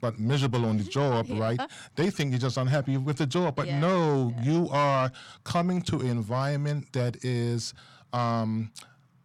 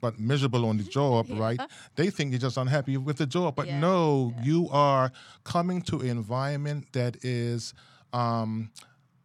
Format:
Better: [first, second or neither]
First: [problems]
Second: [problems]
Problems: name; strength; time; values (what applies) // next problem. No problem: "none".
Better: second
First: distortion; slight; 10 dB below the speech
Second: none